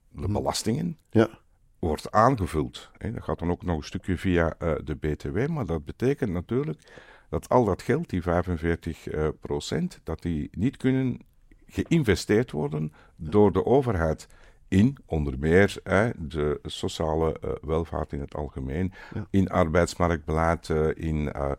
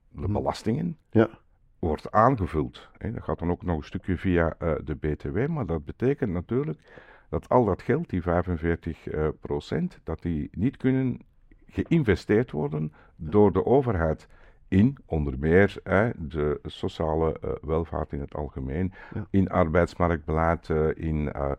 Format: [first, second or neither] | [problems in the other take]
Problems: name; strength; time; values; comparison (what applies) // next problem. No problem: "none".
first | muffled; slightly; fading above 4 kHz